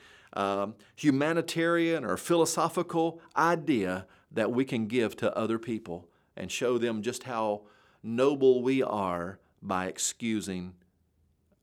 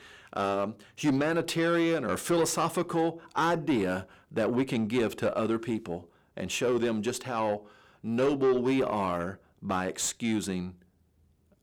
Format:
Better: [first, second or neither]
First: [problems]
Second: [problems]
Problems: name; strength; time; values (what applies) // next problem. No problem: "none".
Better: first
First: none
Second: distortion; slight; 10 dB below the speech